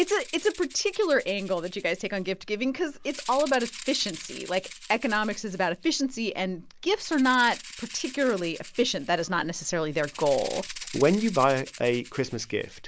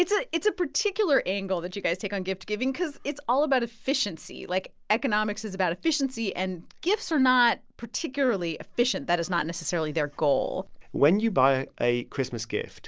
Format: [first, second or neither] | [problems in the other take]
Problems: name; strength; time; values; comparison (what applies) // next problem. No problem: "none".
second | background sound (Rattle (instrument)); 17 dB below the speech